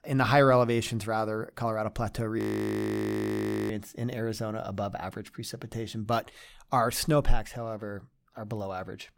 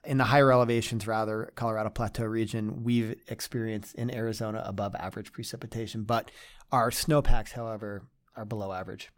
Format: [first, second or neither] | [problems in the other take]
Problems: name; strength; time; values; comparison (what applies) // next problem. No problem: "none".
second | audio freezing; at 2.5 s for 1.5 s